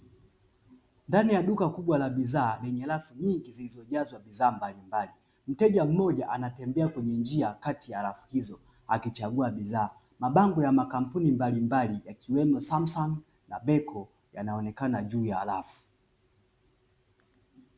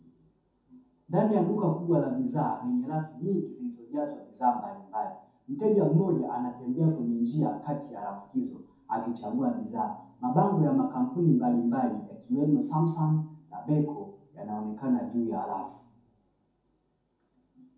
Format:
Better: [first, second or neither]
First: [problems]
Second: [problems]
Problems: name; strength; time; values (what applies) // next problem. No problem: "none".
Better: first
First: none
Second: room echo; dies away in 0.6 s